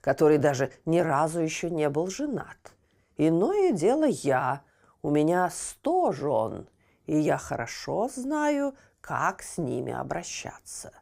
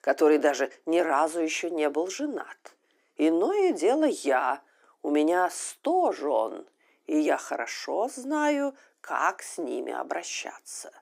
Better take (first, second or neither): first